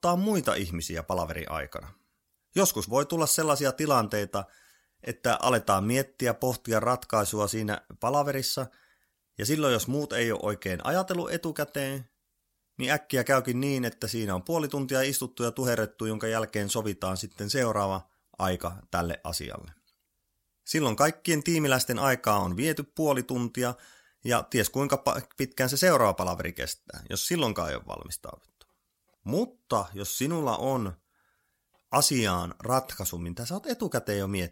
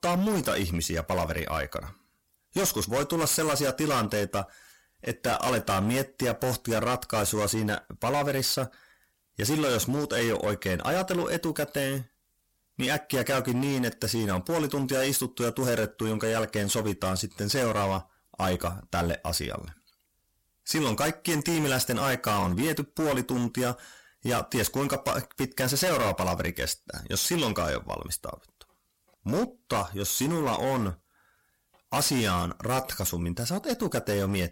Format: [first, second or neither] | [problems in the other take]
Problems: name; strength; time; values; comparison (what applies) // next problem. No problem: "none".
first | distortion; heavy; 16% of the sound clipped